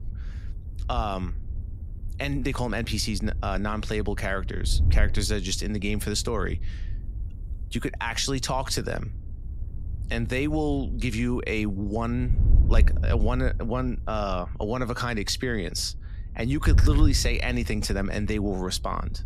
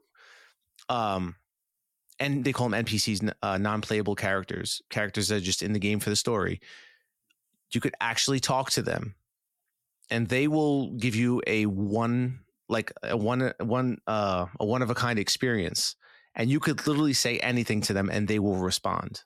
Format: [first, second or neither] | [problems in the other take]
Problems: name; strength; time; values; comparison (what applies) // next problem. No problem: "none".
second | wind noise on the microphone; occasional gusts; 20 dB below the speech